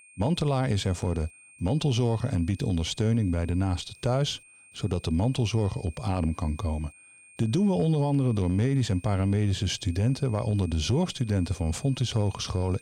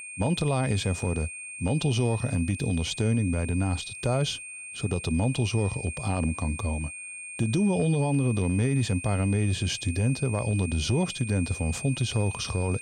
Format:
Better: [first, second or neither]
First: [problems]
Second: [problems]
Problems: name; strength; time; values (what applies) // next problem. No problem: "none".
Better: first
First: high-pitched whine; faint; throughout; 2.5 kHz, 25 dB below the speech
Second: high-pitched whine; loud; throughout; 2.5 kHz, 10 dB below the speech